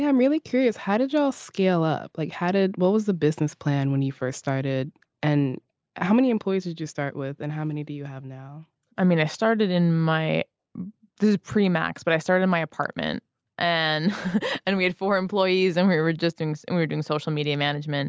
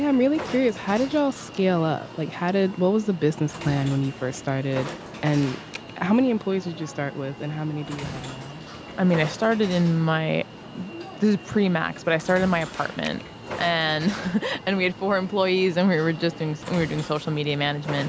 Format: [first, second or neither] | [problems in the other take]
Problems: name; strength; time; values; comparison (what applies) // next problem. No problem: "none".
first | background sound (Alarm + Train); 13 dB below the speech